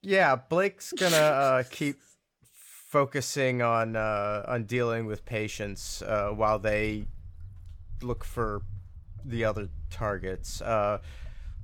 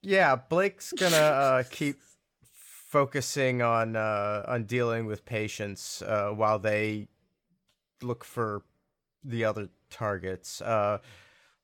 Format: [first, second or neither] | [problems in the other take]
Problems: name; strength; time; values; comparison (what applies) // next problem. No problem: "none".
second | footsteps; faint; from 4 s on; peak 15 dB below the speech